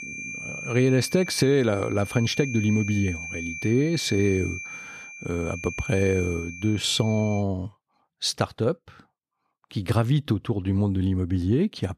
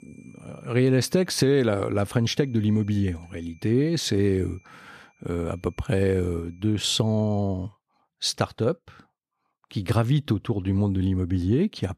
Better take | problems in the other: second | high-pitched whine; loud; until 7.5 s; 2.5 kHz, 10 dB below the speech; faint in the second

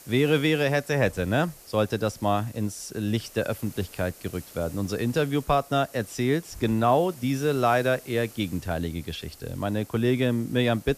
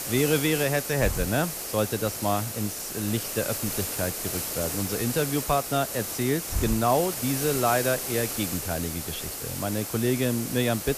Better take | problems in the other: first | hiss; loud; throughout; 3 dB below the speech; faint in the first

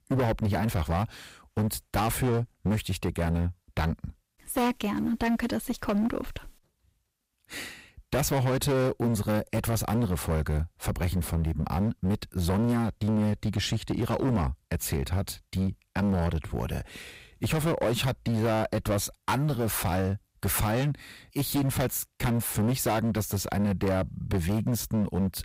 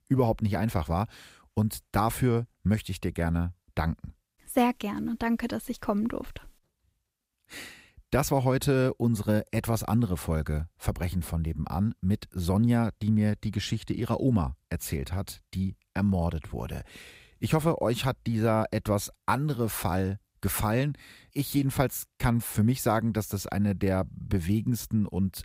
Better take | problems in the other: second | distortion; heavy; 16% of the sound clipped

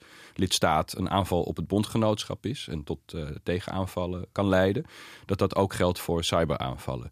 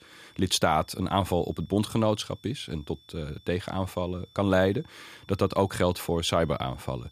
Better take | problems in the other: first | high-pitched whine; faint; throughout; 3.5 kHz, 30 dB below the speech

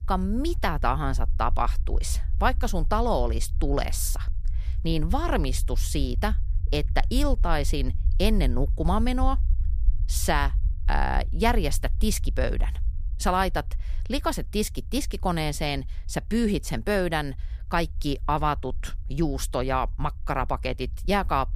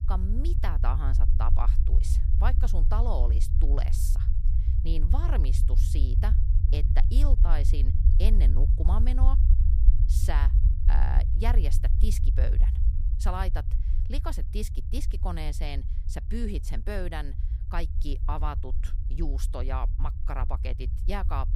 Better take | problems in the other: first | low rumble; loud; throughout; 8 dB below the speech; faint in the first

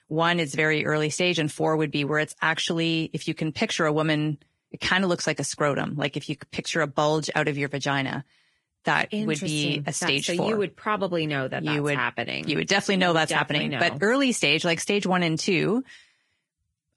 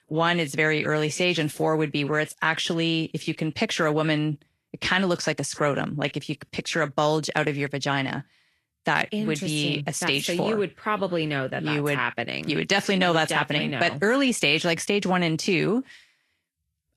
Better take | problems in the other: second | garbled, watery; badly; nothing above 10.5 kHz; slightly in the second

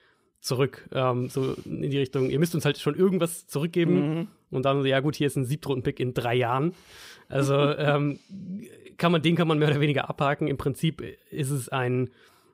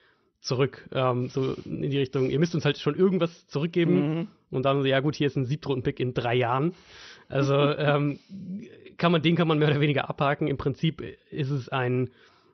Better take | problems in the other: first | garbled, watery; slightly; nothing above 6 kHz

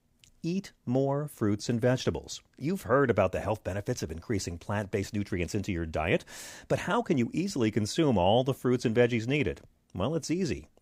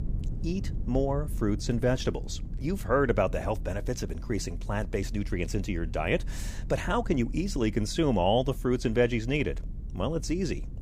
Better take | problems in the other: first | low rumble; faint; throughout; 20 dB below the speech

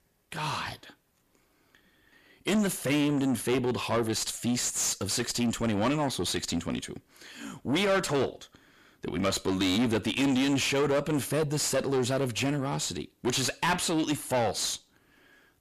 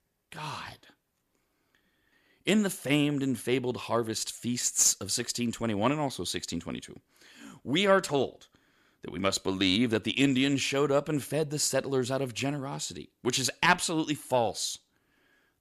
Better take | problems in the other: second | distortion; heavy; 6 dB below the speech

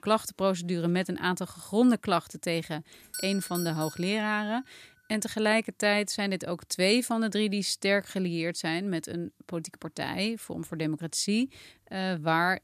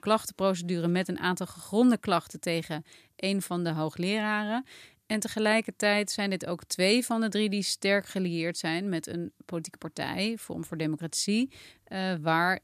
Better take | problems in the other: second | doorbell; noticeable; from 3 to 4 s; peak 9 dB below the speech

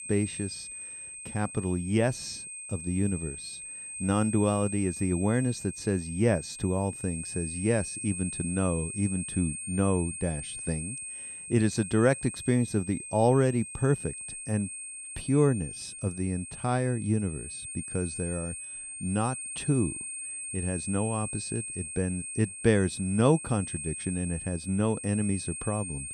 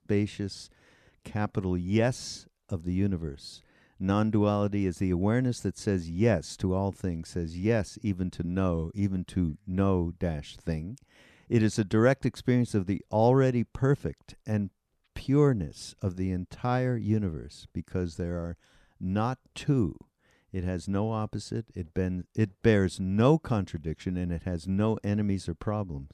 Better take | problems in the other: second | high-pitched whine; loud; throughout; 8.5 kHz, 7 dB below the speech

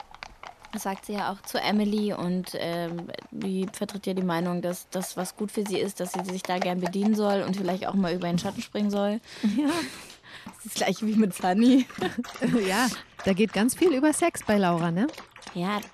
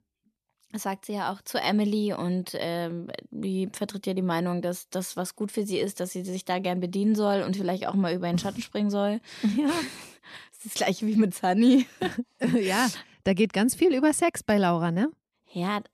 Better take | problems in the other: second | animal sounds; noticeable; throughout; 15 dB below the speech

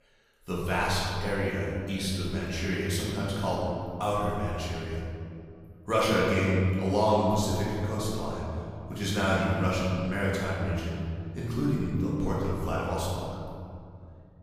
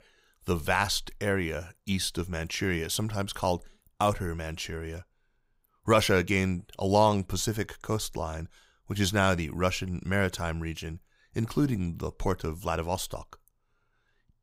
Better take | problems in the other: second | room echo; strong; dies away in 2.5 s // off-mic speech; far

